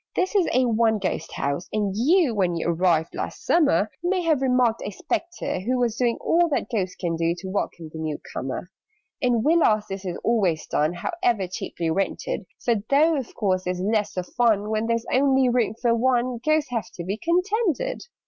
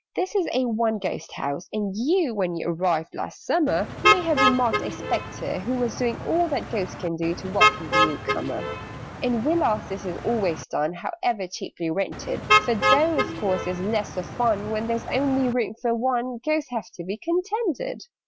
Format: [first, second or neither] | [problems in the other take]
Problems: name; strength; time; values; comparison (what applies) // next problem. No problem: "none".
first | background sound (Motor vehicle (road)); 1 dB below the speech